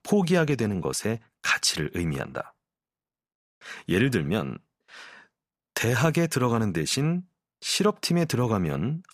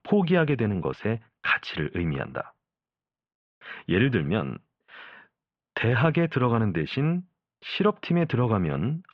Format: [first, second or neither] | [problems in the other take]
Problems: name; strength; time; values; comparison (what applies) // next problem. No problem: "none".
first | muffled; very; fading above 3 kHz